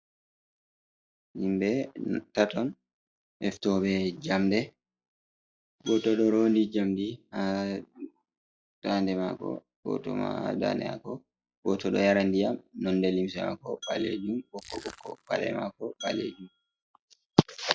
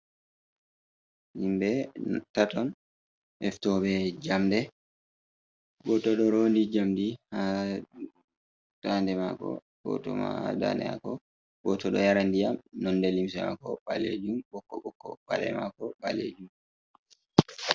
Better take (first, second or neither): second